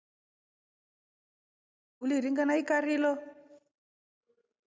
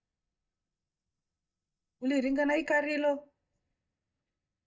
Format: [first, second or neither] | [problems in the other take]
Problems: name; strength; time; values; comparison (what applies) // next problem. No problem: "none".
first | noise reduction (neural mask model DeepFilterNet 3)